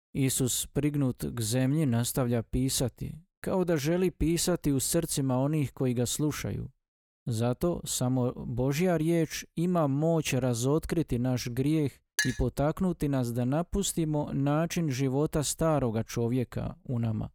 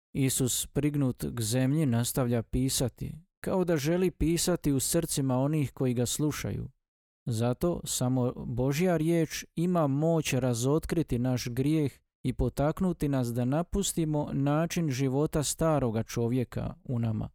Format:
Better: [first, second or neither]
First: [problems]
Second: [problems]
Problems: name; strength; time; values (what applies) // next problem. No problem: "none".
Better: second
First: clattering dishes; noticeable; at 12 s; peak 2 dB below the speech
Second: none